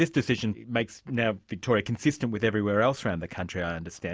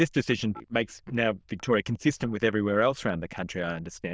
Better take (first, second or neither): first